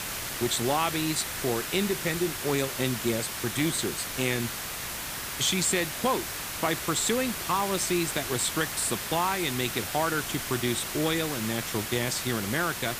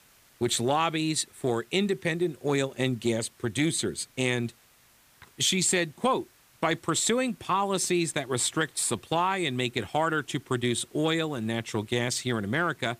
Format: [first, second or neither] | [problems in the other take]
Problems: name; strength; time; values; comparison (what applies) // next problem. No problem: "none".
second | hiss; loud; throughout; 4 dB below the speech; faint in the second